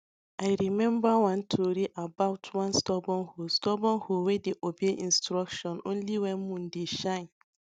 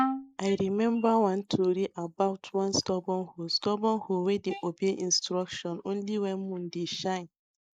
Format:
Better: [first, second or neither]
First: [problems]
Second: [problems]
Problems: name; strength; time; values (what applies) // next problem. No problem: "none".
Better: first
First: none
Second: noise reduction (neural mask model Resemble Enhance denoiser)